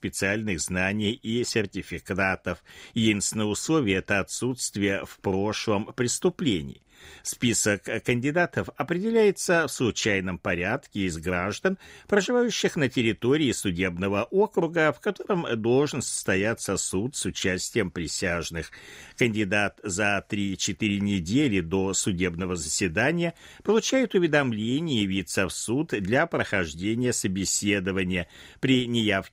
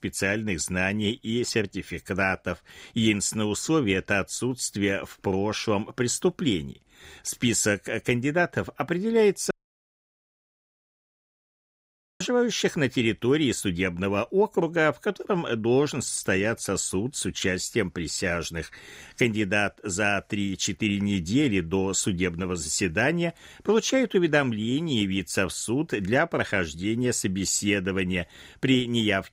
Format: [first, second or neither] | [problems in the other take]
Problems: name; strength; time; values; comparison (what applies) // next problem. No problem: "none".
first | audio cutting out; at 9.5 s for 2.5 s